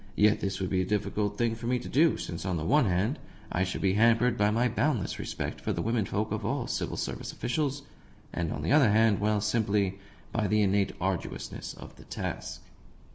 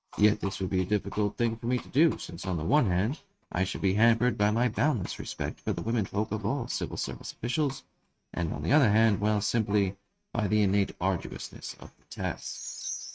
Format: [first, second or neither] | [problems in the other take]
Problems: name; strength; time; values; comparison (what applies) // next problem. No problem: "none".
first | noise reduction (neural mask model RNNoise)